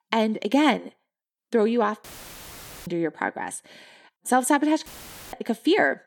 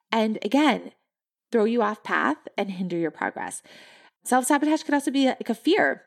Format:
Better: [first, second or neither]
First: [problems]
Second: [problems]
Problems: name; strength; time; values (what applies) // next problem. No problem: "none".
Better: second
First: audio cutting out; filled with static; at 2 s for 1 s and at 5 s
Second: none